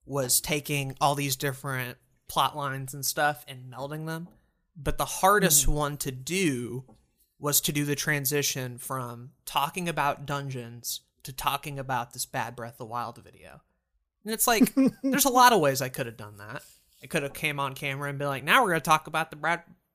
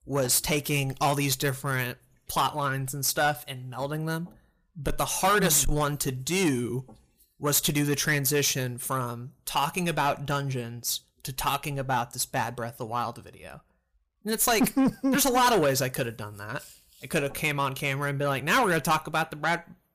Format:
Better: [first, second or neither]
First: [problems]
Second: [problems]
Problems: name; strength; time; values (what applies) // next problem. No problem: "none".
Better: first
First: none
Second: distortion; heavy; 8 dB below the speech